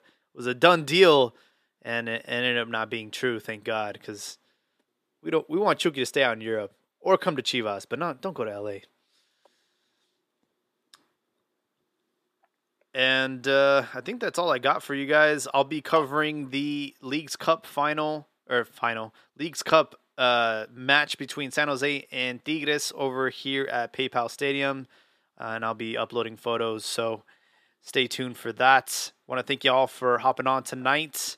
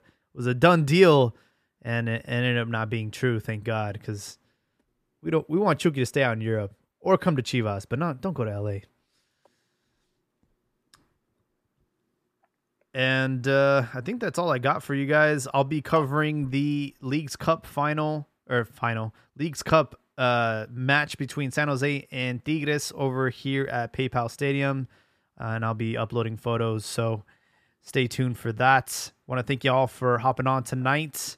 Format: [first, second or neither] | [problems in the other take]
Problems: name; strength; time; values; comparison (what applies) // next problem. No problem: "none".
second | thin; somewhat; fading below 300 Hz